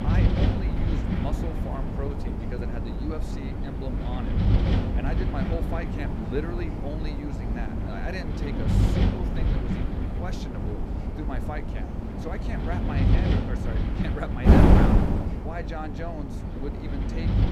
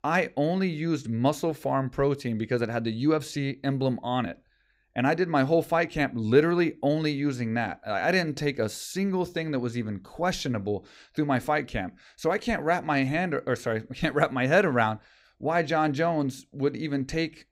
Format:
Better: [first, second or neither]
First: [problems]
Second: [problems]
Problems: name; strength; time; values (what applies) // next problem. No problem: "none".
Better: second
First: wind noise on the microphone; heavy; 4 dB above the speech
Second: none